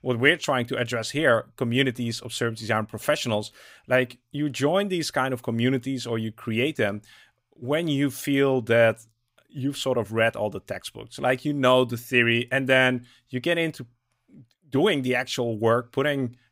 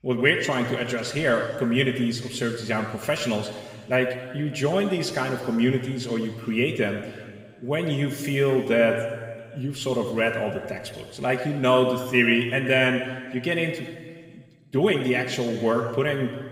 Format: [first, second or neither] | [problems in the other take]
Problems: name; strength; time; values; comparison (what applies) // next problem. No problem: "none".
first | room echo; noticeable; dies away in 1.7 s // off-mic speech; somewhat distant